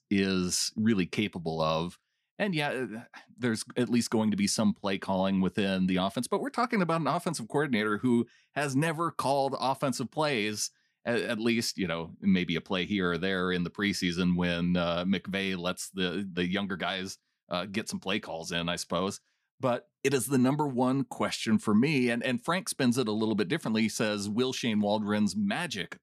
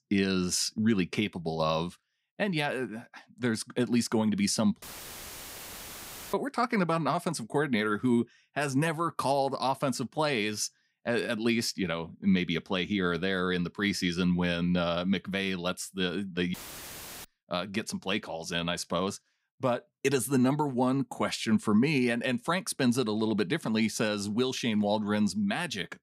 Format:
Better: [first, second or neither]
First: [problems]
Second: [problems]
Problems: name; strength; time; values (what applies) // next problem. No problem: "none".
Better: first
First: none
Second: audio cutting out; filled with static; at 5 s for 1.5 s and at 17 s for 0.5 s